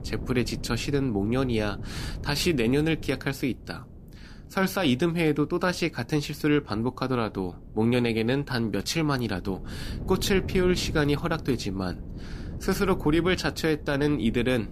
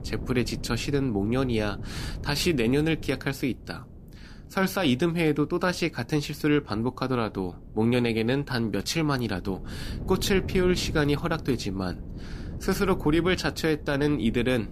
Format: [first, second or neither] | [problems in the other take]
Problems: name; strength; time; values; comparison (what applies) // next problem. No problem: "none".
neither | wind noise on the microphone; occasional gusts; 20 dB below the speech; the same in both